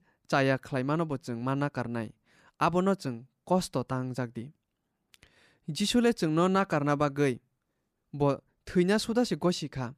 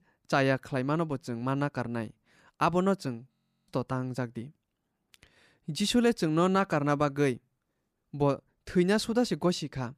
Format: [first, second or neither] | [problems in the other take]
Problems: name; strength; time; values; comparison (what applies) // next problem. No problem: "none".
first | audio freezing; at 3.5 s